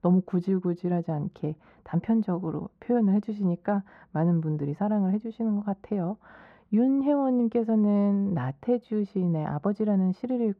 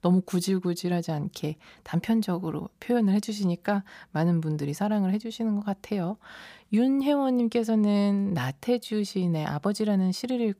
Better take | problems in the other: second | muffled; very; fading above 3 kHz

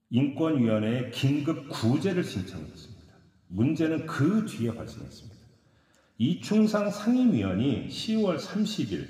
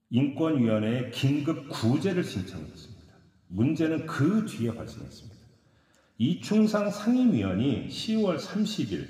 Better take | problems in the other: neither | room echo; slight; dies away in 1.6 s; the same in both

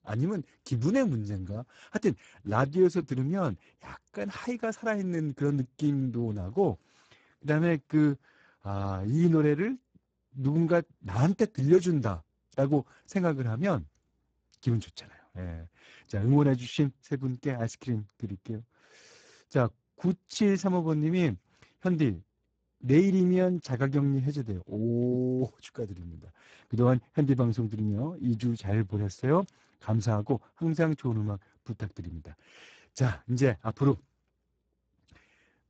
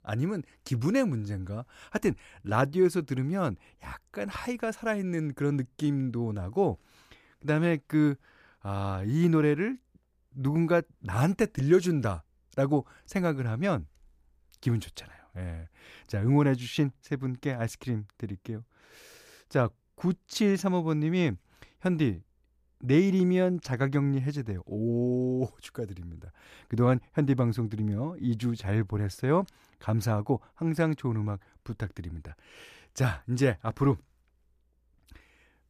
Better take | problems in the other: second | garbled, watery; badly; nothing above 7.5 kHz

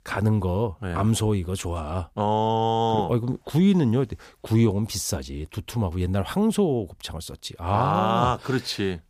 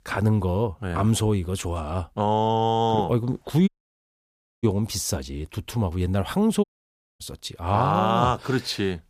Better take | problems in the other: first | audio cutting out; at 3.5 s for 1 s and at 6.5 s for 0.5 s

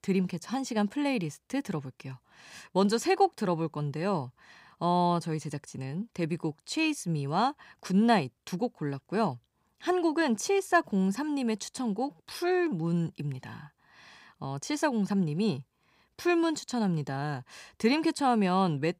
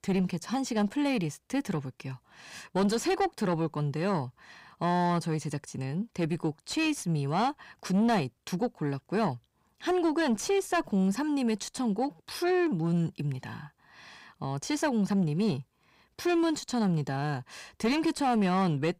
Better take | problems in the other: first | distortion; slight; 10 dB below the speech

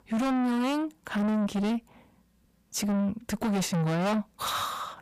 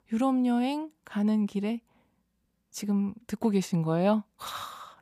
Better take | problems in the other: second | distortion; heavy; 6 dB below the speech

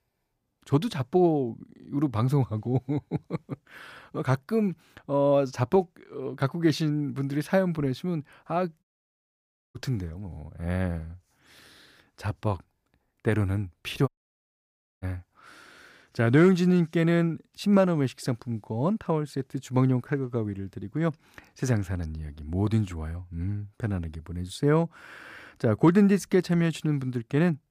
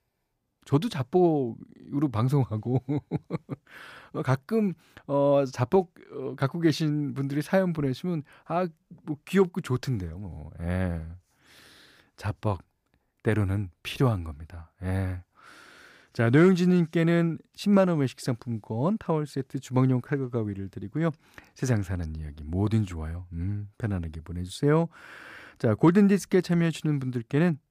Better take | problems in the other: second | audio cutting out; at 9 s for 1 s and at 14 s for 1 s

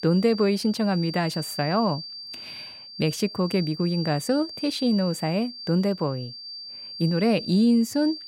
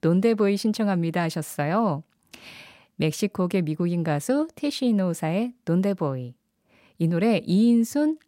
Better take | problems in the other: second | high-pitched whine; noticeable; throughout; 4.5 kHz, 10 dB below the speech

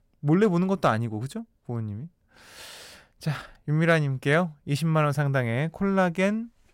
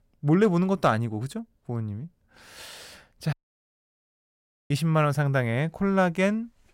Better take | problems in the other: first | audio cutting out; at 3.5 s for 1.5 s

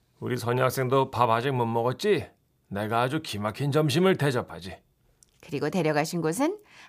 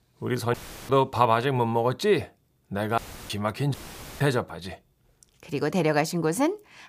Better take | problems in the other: first | audio cutting out; filled with static; at 0.5 s, at 3 s and at 3.5 s

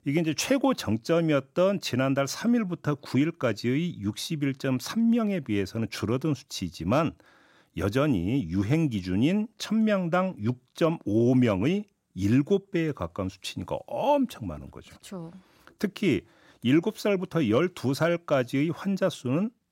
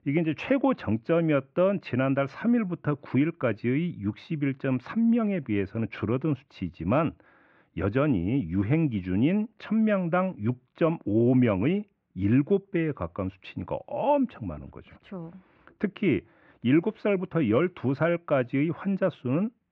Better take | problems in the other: first | muffled; very; fading above 2.5 kHz

